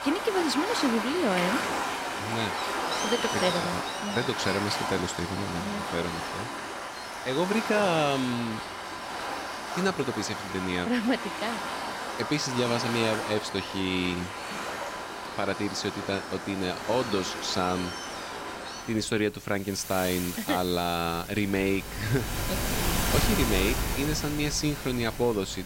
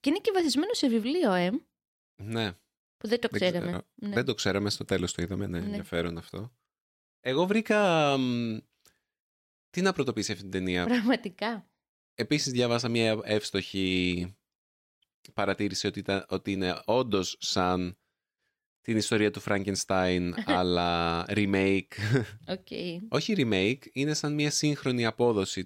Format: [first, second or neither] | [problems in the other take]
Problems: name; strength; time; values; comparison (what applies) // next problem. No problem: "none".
second | rain or running water; loud; throughout; 3 dB below the speech